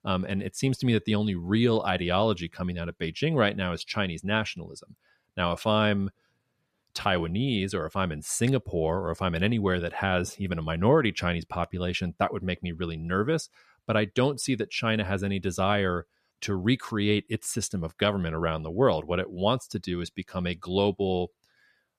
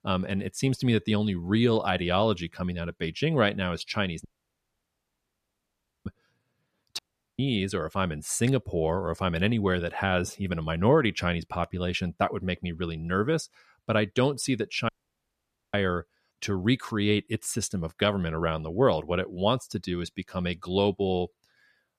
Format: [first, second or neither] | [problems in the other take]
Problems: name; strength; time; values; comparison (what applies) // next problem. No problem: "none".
first | audio cutting out; at 4.5 s for 2 s, at 7 s and at 15 s for 1 s